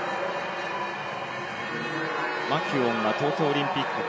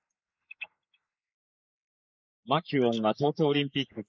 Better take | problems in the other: first | noise reduction (neural mask model Resemble Enhance denoiser)

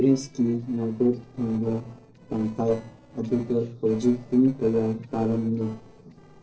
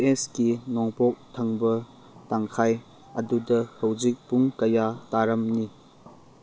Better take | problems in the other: second | noise reduction (neural separator model SepFormer DNS4)

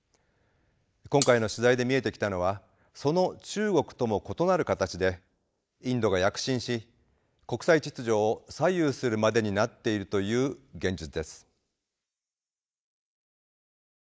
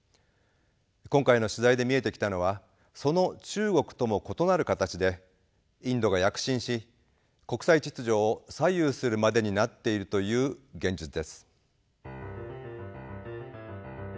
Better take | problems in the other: second | noise reduction (neural mask model Resemble Enhance denoiser)

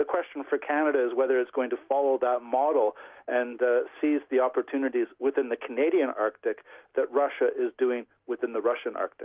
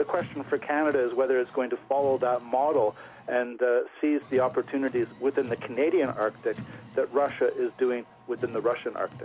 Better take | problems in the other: first | background sound (Car); 19 dB below the speech

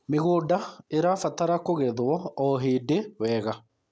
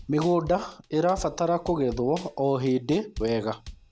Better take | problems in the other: first | background sound (Drum kit); 17 dB below the speech

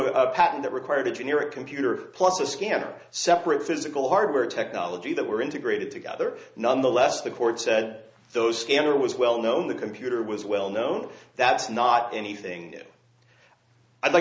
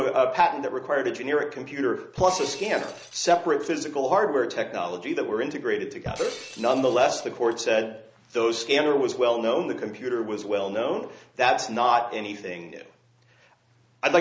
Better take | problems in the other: first | background sound (Shatter); 19 dB below the speech

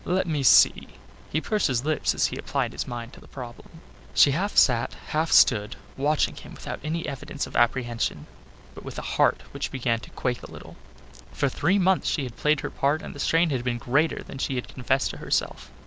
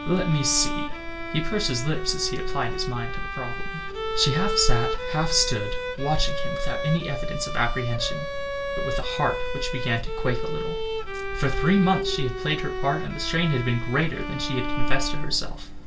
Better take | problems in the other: first | background sound (Bowed string instrument); 7 dB below the speech // room echo; dies away in 0.2 s

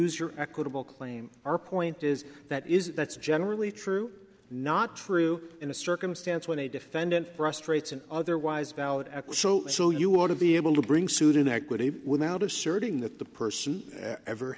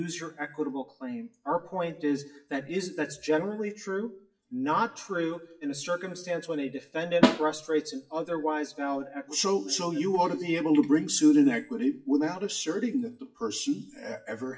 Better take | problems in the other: first | noise reduction (classical method WPE with log-MMSE)

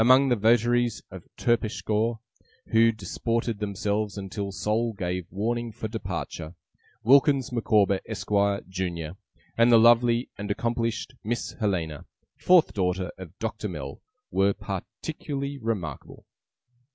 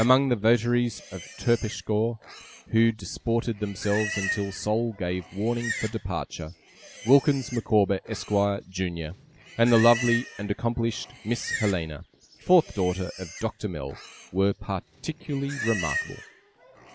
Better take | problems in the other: first | background sound (Livestock, farm animals, working animals); 12 dB below the speech

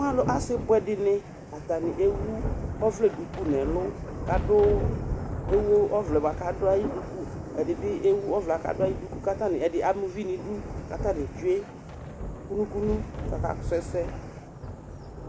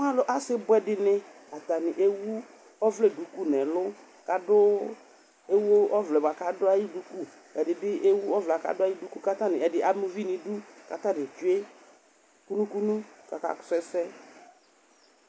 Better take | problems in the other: second | background sound (Thunder); 6 dB below the speech

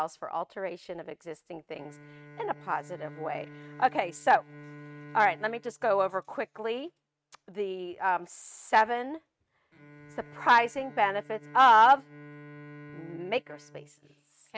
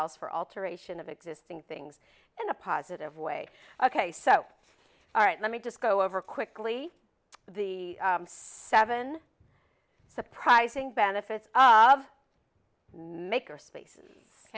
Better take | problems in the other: second | noise reduction (neural mask model RNNoise)

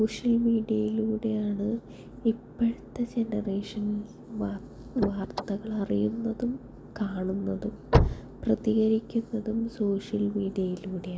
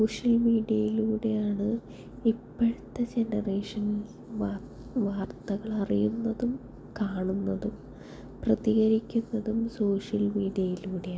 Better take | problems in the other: second | background sound (Slam / Car); 2 dB below the speech

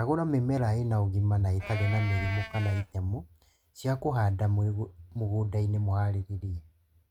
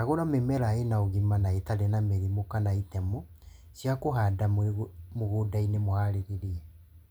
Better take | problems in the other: second | noise reduction (neural mask model RNNoise)

